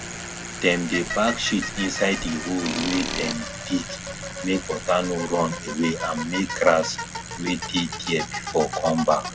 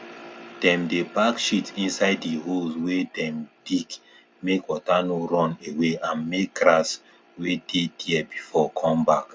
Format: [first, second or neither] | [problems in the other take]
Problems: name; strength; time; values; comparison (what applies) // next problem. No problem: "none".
second | background sound (Tools + Bicycle); 7 dB below the speech